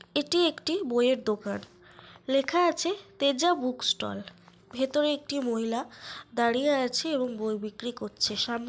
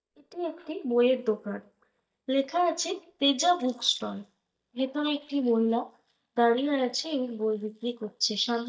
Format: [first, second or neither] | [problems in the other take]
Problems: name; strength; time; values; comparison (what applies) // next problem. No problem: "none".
first | noise reduction (neural mask model DeepFilterNet 3)